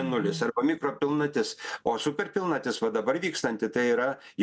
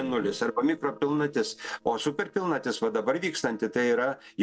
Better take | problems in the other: first | noise reduction (neural separator model SepFormer DNS4)

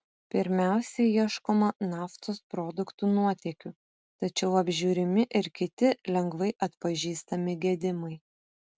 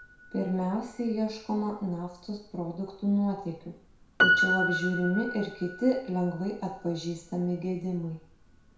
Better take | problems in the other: first | background sound (Piano); 3 dB below the speech // room echo; dies away in 0.6 s

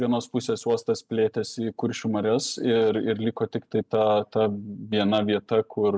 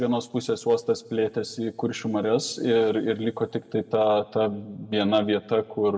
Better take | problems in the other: first | room echo; dies away in 1.6 s

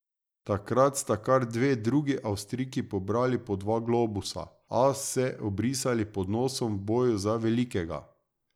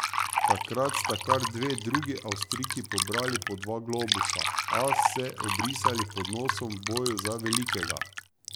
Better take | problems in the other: first | background sound (Fill (with liquid)); 2 dB above the speech

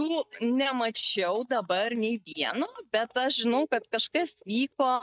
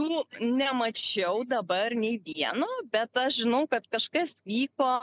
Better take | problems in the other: second | noise reduction (neural mask model DeepFilterNet 3)

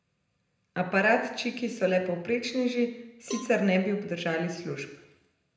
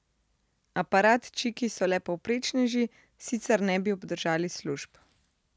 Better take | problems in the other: second | background sound (Cowbell); 18 dB below the speech // room echo; dies away in 0.8 s

